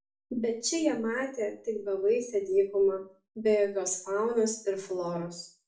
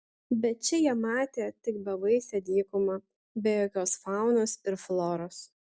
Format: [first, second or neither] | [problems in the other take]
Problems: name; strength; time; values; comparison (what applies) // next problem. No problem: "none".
second | room echo; dies away in 0.3 s